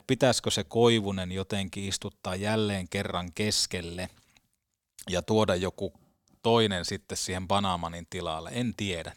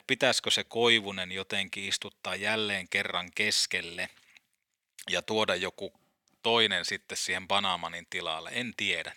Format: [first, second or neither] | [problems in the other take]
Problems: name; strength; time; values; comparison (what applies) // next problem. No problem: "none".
first | thin; somewhat; fading below 400 Hz